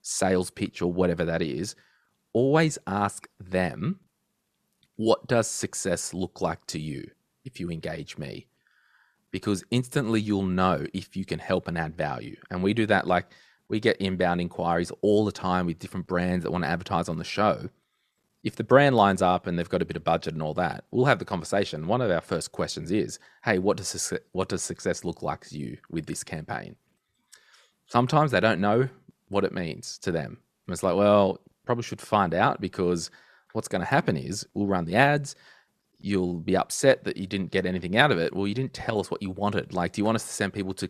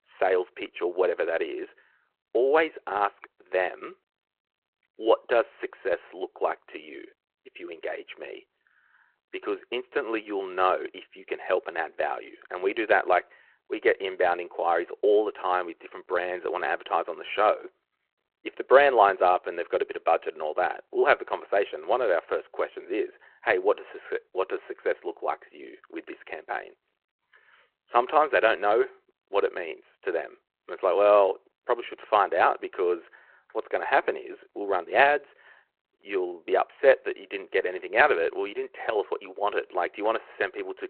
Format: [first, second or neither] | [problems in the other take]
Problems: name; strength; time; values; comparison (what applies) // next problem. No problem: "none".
first | phone-call audio